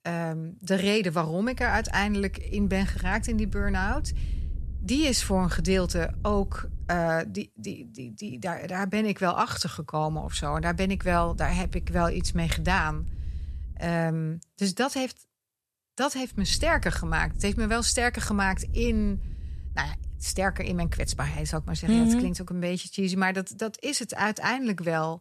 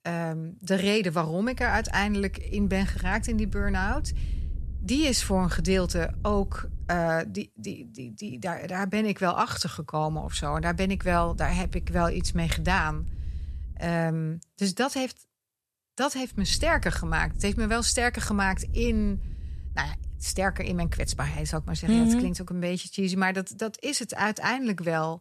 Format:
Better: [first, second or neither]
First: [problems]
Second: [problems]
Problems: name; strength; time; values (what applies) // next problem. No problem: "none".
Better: neither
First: low rumble; faint; from 1.5 to 7 s, from 10 to 14 s and from 16 to 22 s; 25 dB below the speech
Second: low rumble; faint; from 1.5 to 7 s, from 10 to 14 s and from 16 to 22 s; 25 dB below the speech